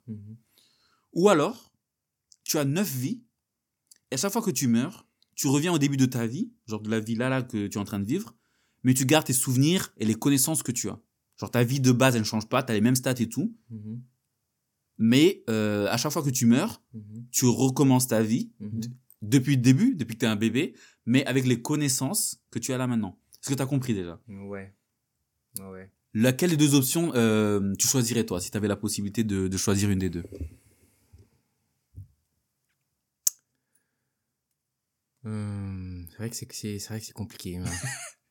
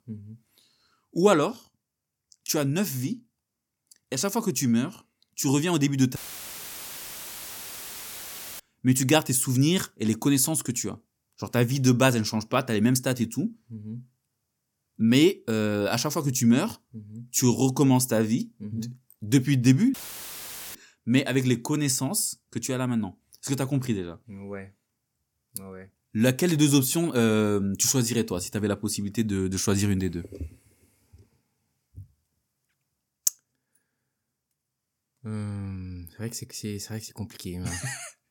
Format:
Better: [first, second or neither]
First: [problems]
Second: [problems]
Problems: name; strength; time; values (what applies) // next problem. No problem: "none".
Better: first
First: none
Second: audio cutting out; filled with static; at 6 s for 2.5 s and at 20 s for 1 s